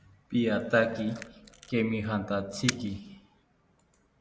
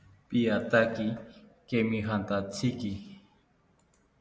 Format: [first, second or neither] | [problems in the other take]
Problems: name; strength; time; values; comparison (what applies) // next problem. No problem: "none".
second | background sound (Camera); 12 dB below the speech